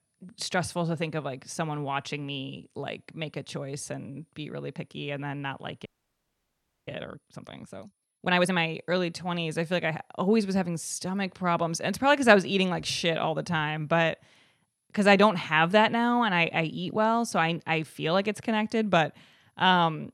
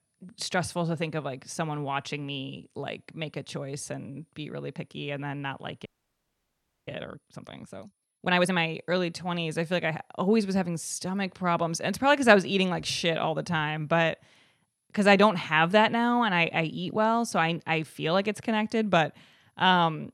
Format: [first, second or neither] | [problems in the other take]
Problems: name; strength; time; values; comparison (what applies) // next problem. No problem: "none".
neither | audio freezing; at 6 s for 1 s; the same in both